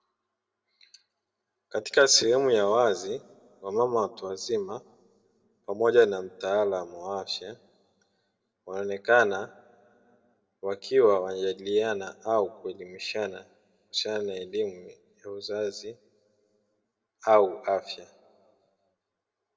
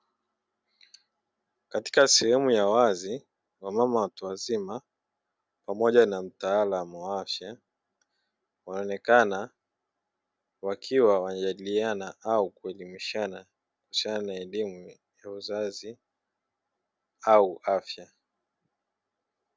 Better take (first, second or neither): second